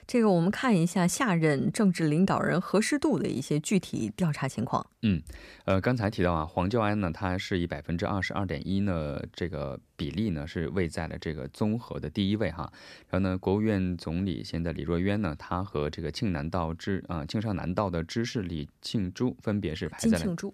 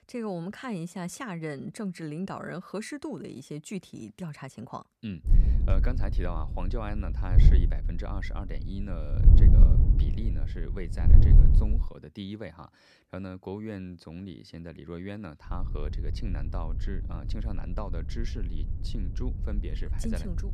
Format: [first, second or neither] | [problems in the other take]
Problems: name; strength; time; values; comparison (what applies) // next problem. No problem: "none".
first | wind noise on the microphone; heavy; from 5.5 to 12 s and from 15 s on; 3 dB below the speech